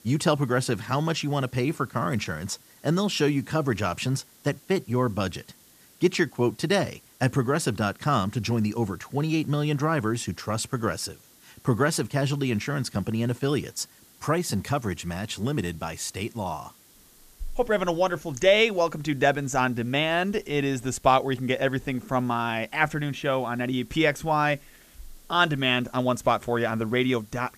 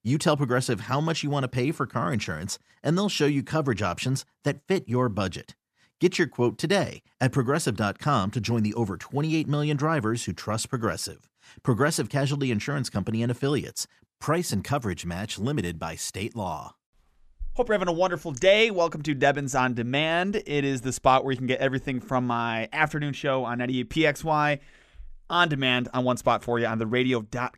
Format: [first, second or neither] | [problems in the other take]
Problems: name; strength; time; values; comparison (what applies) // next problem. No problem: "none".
second | hiss; faint; throughout; 25 dB below the speech